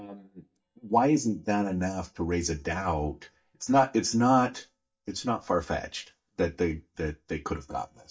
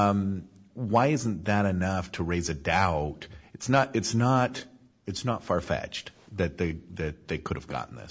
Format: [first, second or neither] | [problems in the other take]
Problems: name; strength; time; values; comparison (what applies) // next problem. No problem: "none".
second | noise reduction (neural mask model DeepFilterNet 3)